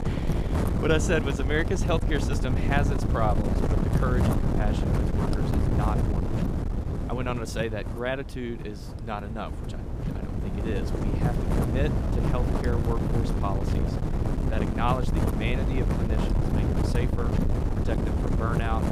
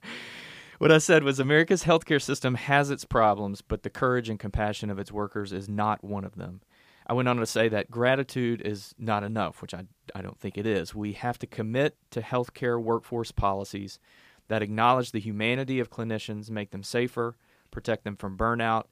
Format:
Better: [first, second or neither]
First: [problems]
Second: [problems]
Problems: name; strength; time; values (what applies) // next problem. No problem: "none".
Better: second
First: wind noise on the microphone; heavy; 2 dB below the speech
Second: none